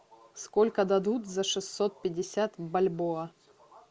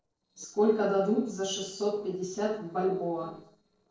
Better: first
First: none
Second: noise reduction (neural separator model SepFormer DNS4)

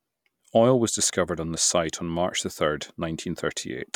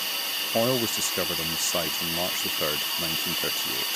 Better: first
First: none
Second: background sound (Hiss); 3 dB above the speech

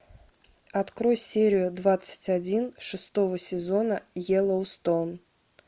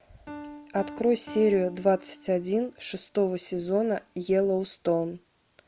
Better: first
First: none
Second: background sound (Piano); 19 dB below the speech

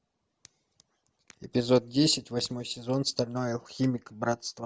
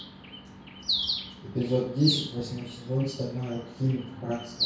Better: first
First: none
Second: background sound (Bird); 5 dB below the speech // room echo; dies away in 0.5 s

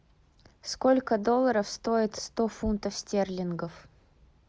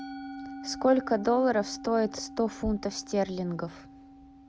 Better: first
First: none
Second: background sound (Musical instrument); 14 dB below the speech

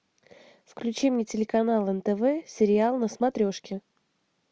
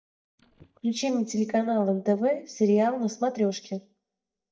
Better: first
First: none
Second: noise reduction (neural mask model DeepFilterNet 3)

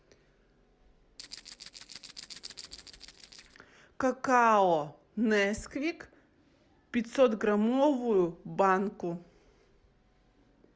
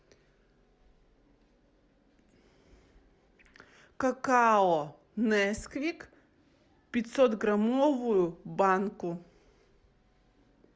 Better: second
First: background sound (Rattle (instrument)); 17 dB below the speech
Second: none

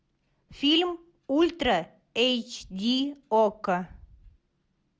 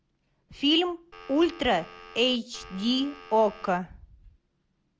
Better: first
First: none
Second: background sound (Telephone); 18 dB below the speech

